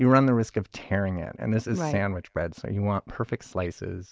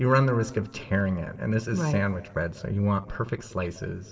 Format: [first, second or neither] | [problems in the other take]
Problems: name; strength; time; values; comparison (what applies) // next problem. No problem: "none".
first | room echo; dies away in 2.4 s